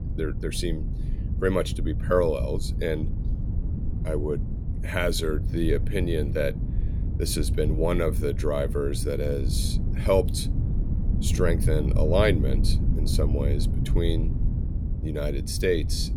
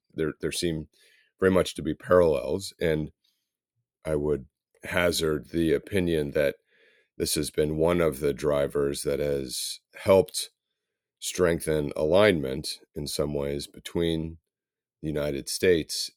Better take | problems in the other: second | wind noise on the microphone; occasional gusts; 15 dB below the speech

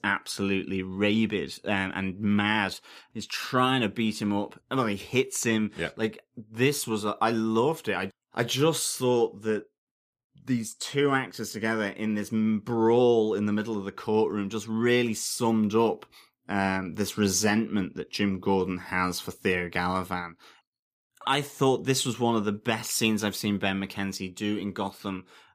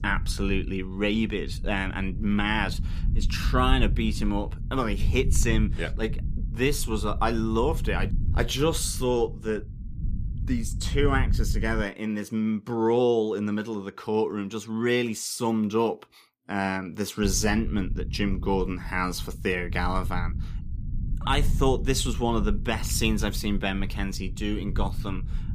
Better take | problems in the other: first | low rumble; noticeable; until 12 s and from 17 s on; 20 dB below the speech

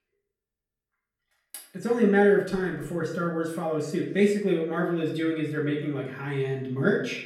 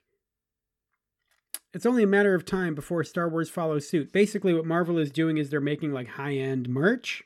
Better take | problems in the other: second | room echo; slight; dies away in 0.5 s // off-mic speech; far

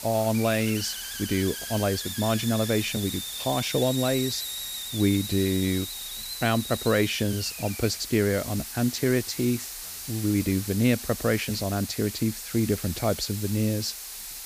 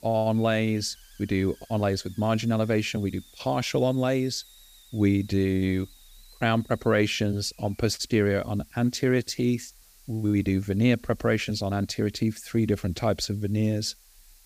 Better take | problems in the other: second | hiss; loud; throughout; 7 dB below the speech; faint in the second

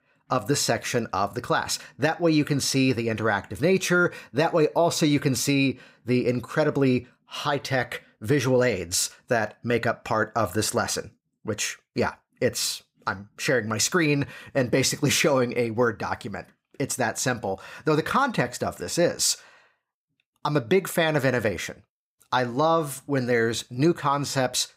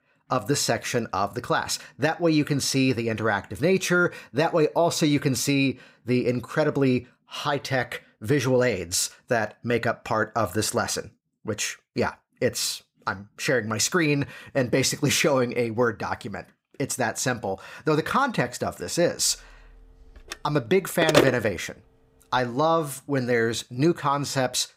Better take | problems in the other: first | phone ringing; loud; from 20 to 21 s; peak 3 dB above the speech

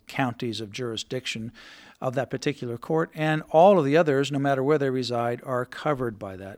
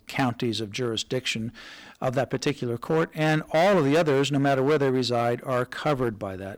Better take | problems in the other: first | distortion; heavy; 9% of the sound clipped

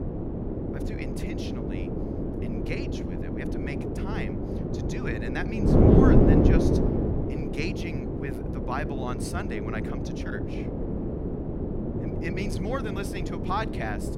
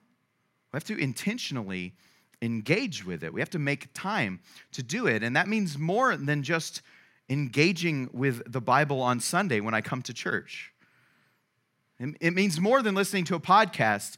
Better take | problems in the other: second | wind noise on the microphone; heavy; 4 dB above the speech

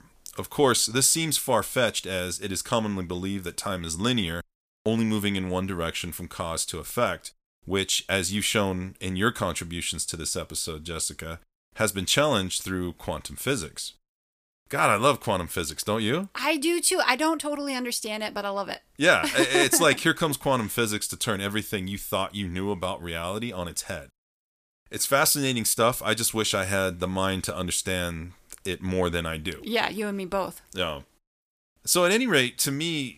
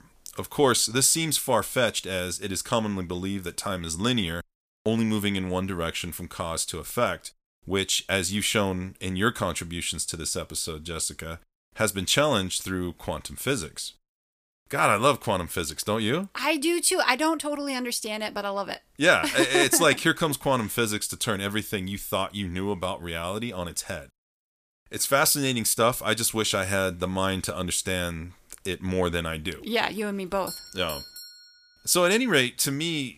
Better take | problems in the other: first | doorbell; faint; from 30 to 32 s; peak 10 dB below the speech

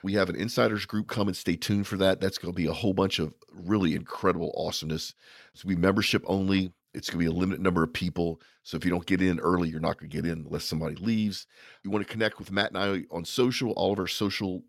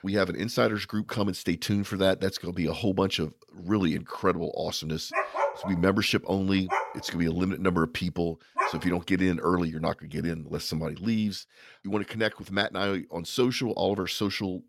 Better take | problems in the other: first | dog barking; loud; from 5 to 9 s; peak 1 dB above the speech

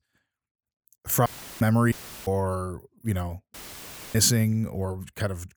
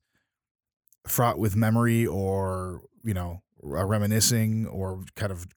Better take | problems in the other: second | audio cutting out; filled with static; at 1.5 s, at 2 s and at 3.5 s for 0.5 s

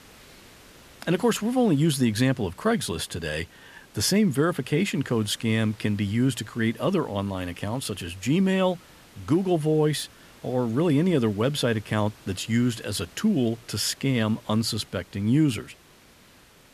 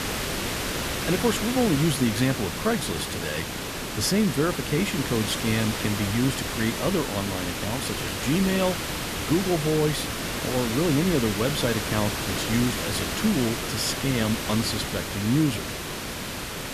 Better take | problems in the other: first | hiss; loud; throughout; 3 dB below the speech; faint in the first

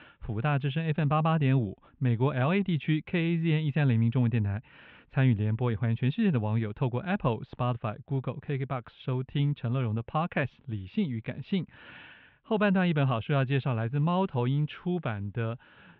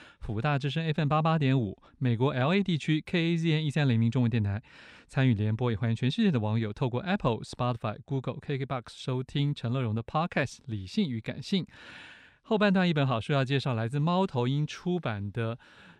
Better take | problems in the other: second | muffled; very; fading above 3 kHz

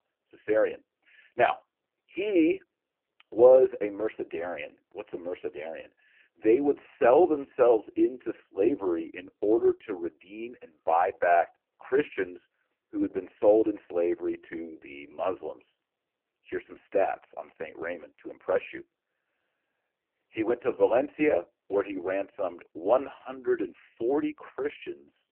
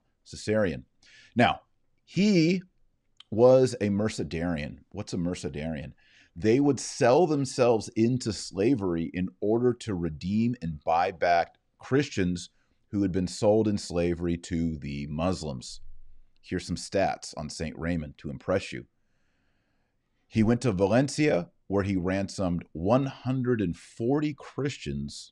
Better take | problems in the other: second | phone-call audio; poor line

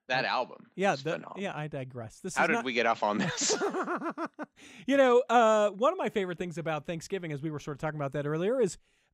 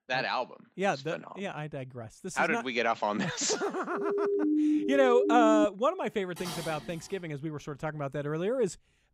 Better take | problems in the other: first | siren; loud; from 4 to 5.5 s; peak 4 dB above the speech // clattering dishes; noticeable; at 6.5 s; peak 8 dB below the speech

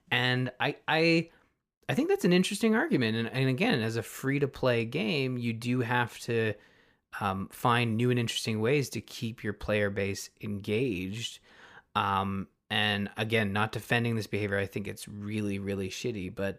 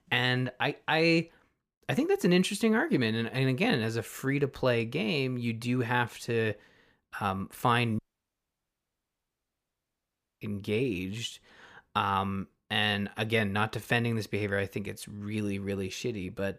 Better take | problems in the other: first | audio cutting out; at 8 s for 2.5 s

